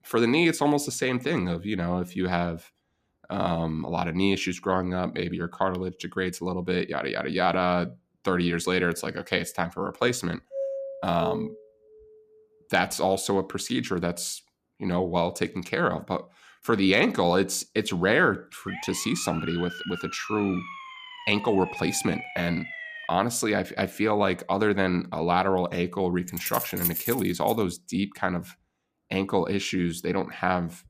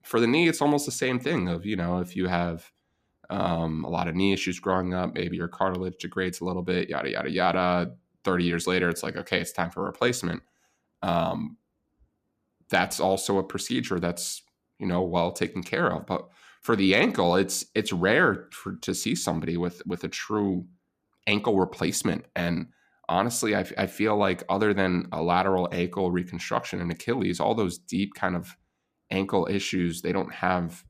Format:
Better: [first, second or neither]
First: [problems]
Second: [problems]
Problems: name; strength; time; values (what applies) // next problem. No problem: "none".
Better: second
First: doorbell; noticeable; from 11 to 12 s; peak 5 dB below the speech // siren; noticeable; from 19 to 23 s; peak 9 dB below the speech // jangling keys; noticeable; from 26 to 28 s; peak level with the speech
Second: none